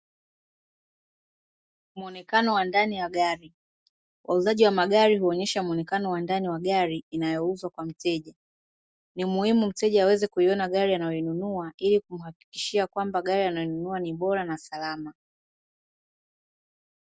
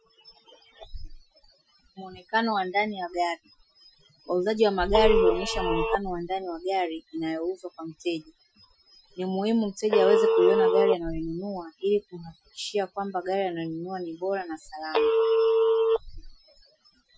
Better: first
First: none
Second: noise reduction (classical method Wiener filter)

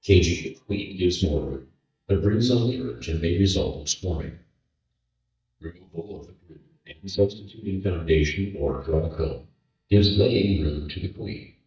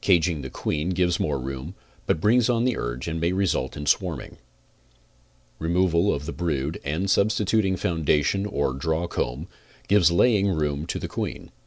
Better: second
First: noise reduction (neural mask model DeepFilterNet 3)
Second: none

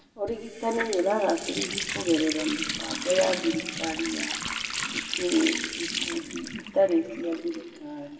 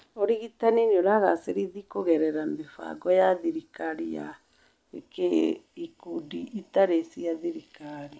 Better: second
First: background sound (Water tap, faucet); 5 dB below the speech // room echo; dies away in 1 s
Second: none

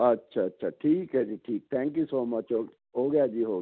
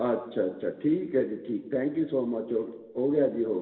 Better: first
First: none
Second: room echo; dies away in 1.2 s

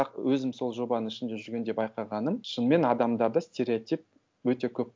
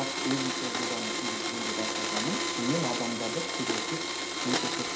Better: first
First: none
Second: background sound (Domestic sounds, home sounds); 4 dB above the speech // room echo; dies away in 0.5 s

